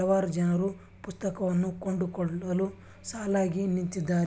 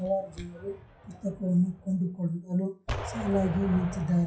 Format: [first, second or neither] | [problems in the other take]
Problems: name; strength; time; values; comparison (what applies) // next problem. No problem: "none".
first | noise reduction (classical method WPE with log-MMSE)